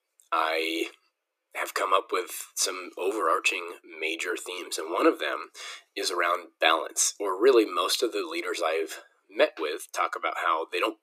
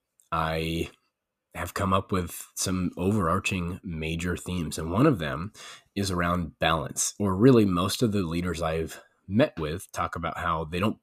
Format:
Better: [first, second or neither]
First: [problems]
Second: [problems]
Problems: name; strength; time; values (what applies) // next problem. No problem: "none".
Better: second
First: thin; very; fading below 350 Hz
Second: none